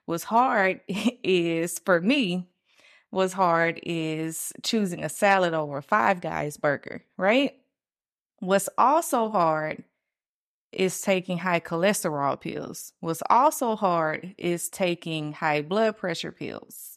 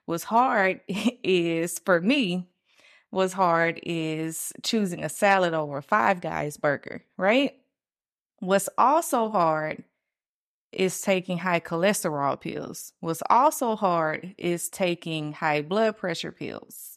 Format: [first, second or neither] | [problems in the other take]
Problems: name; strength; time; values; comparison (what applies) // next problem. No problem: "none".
neither | none